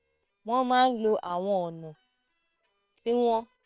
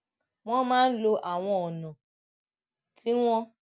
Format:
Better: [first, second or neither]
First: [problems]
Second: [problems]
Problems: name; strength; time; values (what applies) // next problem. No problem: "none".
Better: second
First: noise reduction (neural separator model SepFormer WHAM!)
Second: none